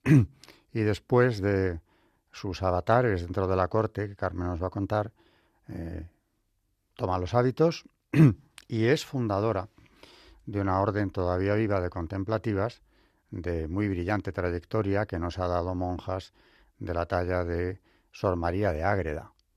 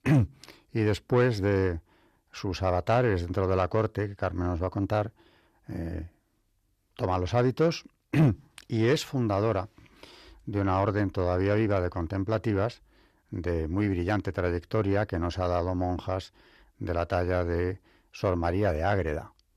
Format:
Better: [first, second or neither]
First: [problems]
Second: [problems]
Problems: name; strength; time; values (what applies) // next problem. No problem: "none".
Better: first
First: none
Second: distortion; slight; 10 dB below the speech